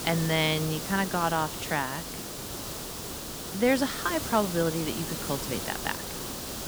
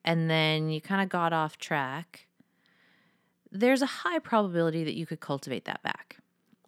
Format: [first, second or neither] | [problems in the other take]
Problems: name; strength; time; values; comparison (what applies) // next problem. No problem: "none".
second | hiss; loud; throughout; 5 dB below the speech